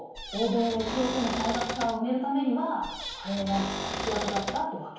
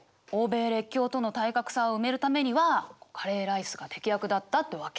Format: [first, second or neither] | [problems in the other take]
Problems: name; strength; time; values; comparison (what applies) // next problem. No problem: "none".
second | background sound (Cupboard open or close / Door); 5 dB below the speech // room echo; dies away in 1 s